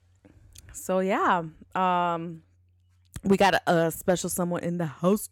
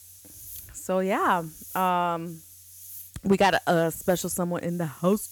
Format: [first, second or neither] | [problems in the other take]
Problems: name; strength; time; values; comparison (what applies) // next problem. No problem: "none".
first | hiss; noticeable; throughout; 20 dB below the speech